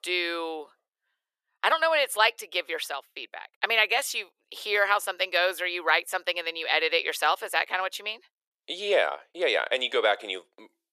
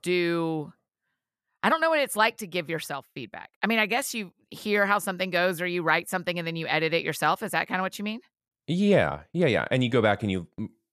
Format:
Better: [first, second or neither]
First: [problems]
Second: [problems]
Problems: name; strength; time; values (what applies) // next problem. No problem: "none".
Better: second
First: thin; very; fading below 400 Hz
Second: none